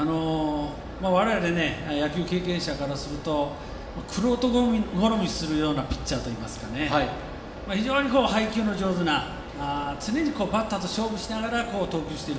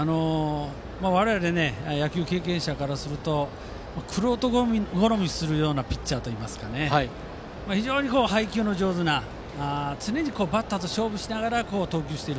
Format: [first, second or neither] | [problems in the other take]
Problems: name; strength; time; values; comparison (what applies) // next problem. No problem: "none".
second | room echo; dies away in 0.9 s